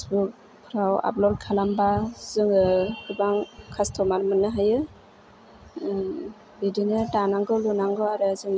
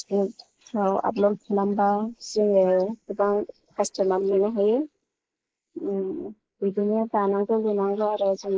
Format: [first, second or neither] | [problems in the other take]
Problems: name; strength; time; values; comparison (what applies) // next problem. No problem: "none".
first | noise reduction (neural mask model Resemble Enhance denoiser)